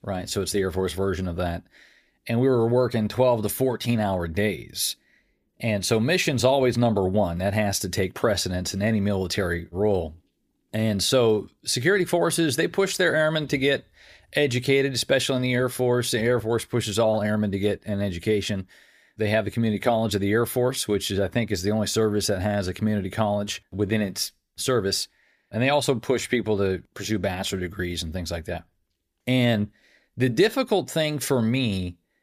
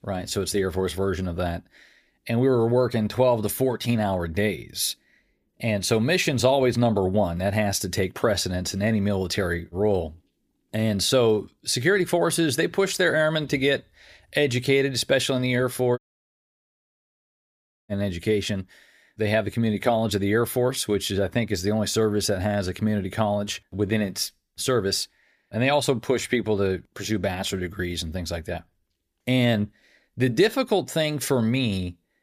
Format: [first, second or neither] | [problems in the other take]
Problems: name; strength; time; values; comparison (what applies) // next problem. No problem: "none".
first | audio cutting out; at 16 s for 2 s